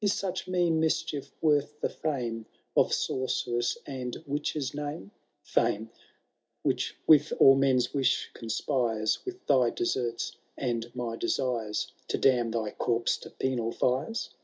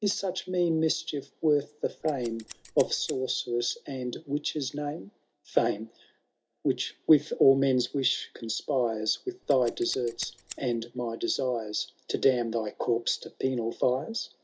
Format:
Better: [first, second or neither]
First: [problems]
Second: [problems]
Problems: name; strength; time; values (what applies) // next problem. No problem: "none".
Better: first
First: none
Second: background sound (Scissors); 18 dB below the speech